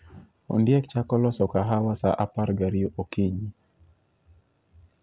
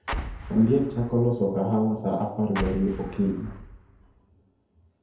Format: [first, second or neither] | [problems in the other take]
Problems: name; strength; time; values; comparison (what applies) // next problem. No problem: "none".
first | background sound (Explosion); 10 dB below the speech // room echo; dies away in 2.1 s